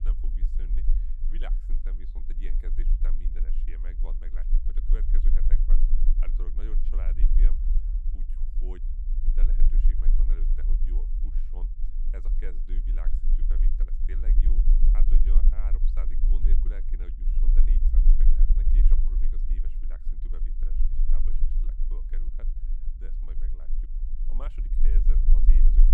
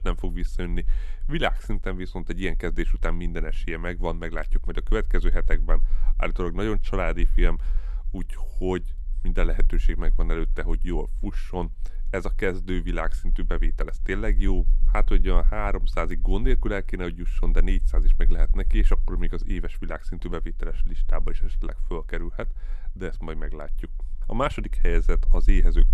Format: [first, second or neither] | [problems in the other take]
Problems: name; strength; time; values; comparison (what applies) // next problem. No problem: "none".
second | low rumble; loud; throughout; 1 dB below the speech; faint in the second